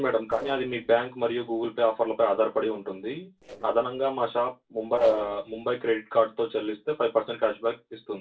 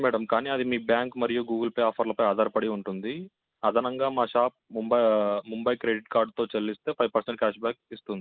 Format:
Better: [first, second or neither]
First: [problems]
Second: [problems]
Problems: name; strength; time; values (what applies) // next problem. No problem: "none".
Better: second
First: noise reduction (neural separator model SepFormer DNS4)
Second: none